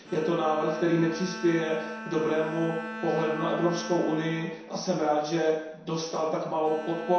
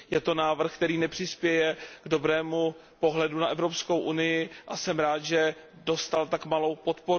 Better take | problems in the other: second | background sound (Bowed string instrument); 12 dB below the speech // room echo; dies away in 0.7 s

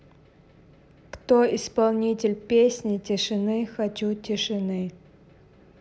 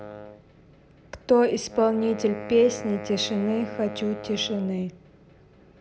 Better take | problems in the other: first | background sound (Wind instrument, woodwind instrument); 14 dB below the speech

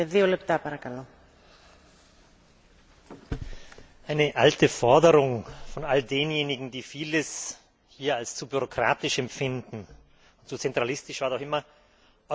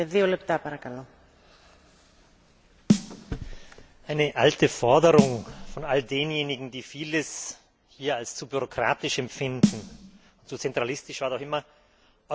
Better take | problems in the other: first | background sound (Snare drum); 3 dB below the speech

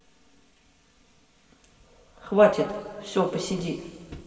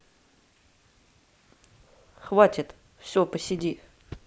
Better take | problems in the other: second | room echo; dies away in 3 s

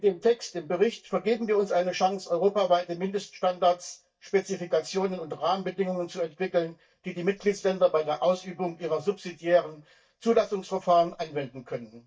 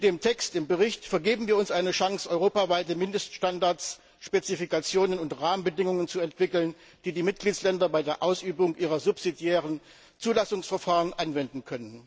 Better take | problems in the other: second | noise reduction (neural mask model DeepFilterNet 3)

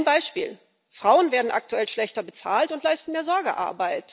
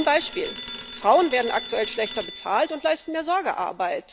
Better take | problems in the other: first | background sound (Telephone); 14 dB below the speech

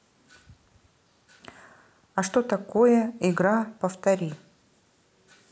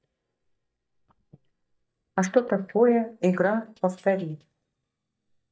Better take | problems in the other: first | noise reduction (neural mask model DeepFilterNet 3)

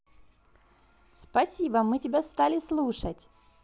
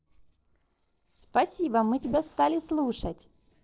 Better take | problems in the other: first | noise reduction (neural separator model SepFormer DNS4)

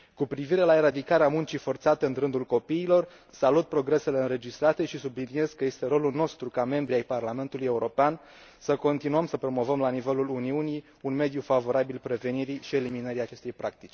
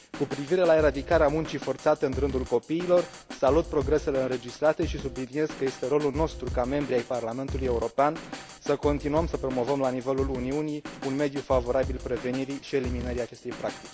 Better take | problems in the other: first | background sound (Drum kit); 10 dB below the speech

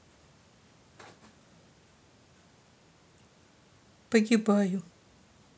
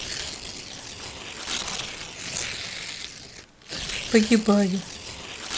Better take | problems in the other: first | background sound (Tearing); 6 dB below the speech

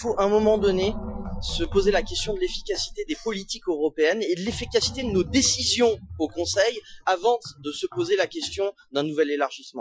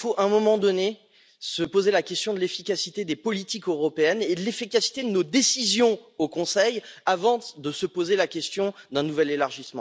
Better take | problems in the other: second | noise reduction (classical method Wiener filter)

